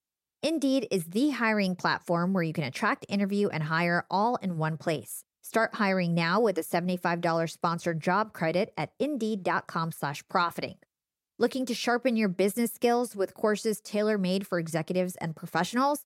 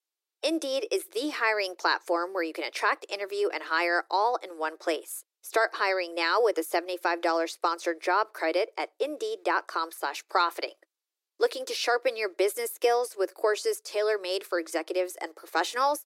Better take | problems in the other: first | thin; very; fading below 300 Hz

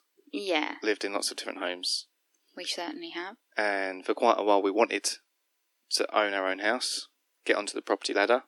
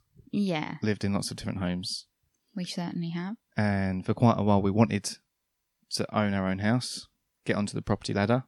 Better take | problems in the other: second | thin; very; fading below 300 Hz

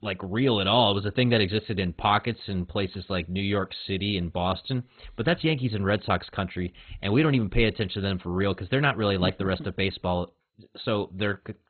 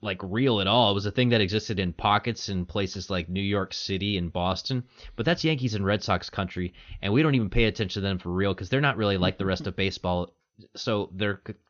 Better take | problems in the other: second | garbled, watery; badly; nothing above 4 kHz; slightly in the second

